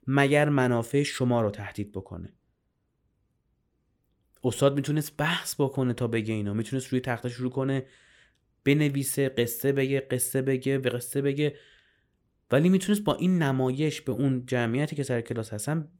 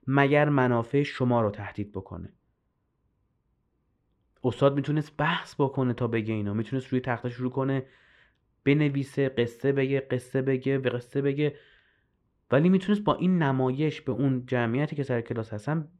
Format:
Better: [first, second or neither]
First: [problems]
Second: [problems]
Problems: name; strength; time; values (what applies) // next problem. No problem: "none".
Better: first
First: none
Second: muffled; slightly; fading above 3 kHz